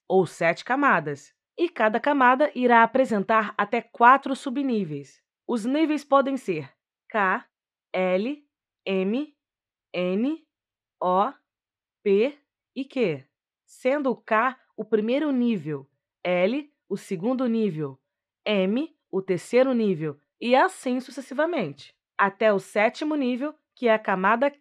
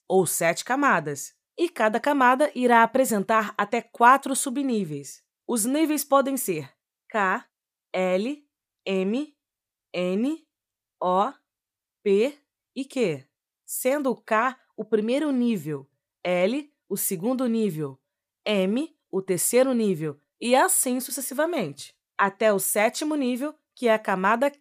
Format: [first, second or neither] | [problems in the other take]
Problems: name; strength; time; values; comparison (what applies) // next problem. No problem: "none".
second | muffled; slightly; fading above 3 kHz